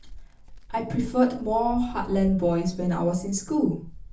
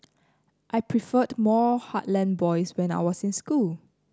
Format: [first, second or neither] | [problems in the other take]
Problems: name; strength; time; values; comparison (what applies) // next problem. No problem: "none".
second | background sound (Wind); 13 dB below the speech // room echo; dies away in 0.3 s